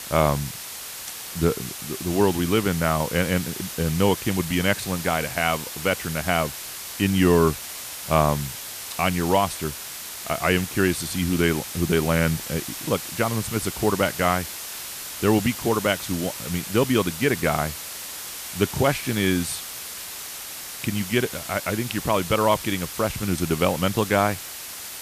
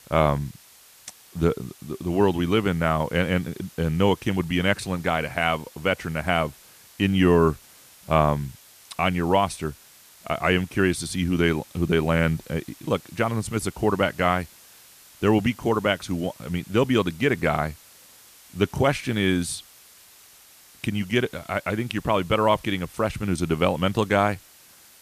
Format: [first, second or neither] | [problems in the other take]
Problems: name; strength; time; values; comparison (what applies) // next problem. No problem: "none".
second | hiss; loud; throughout; 8 dB below the speech; faint in the second